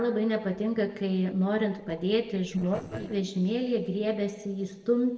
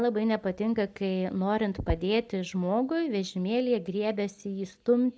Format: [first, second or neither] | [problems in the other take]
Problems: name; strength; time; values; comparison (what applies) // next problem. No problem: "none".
second | noise reduction (neural separator model SepFormer DNS4)